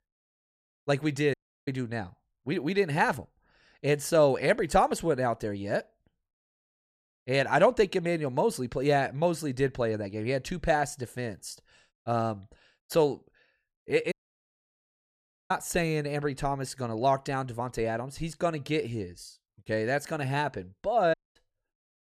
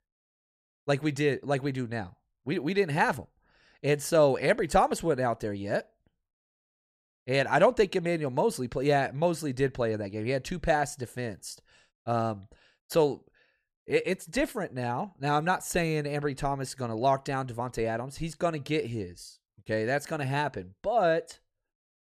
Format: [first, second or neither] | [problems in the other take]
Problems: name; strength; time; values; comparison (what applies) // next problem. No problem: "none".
second | audio cutting out; at 1.5 s, at 14 s for 1.5 s and at 21 s